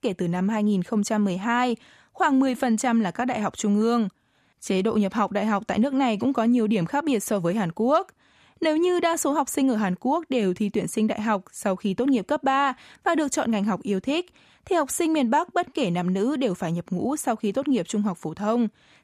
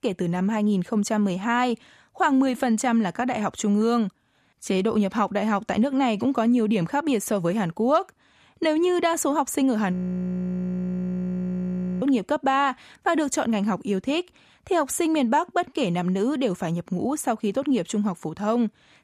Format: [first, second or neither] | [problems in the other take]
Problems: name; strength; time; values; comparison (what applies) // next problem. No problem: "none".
first | audio freezing; at 10 s for 2 s